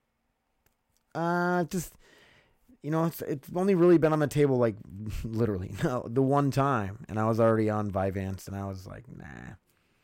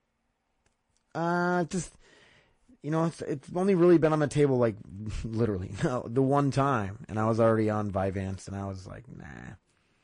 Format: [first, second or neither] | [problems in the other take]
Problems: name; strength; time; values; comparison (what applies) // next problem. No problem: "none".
first | garbled, watery; slightly; nothing above 10 kHz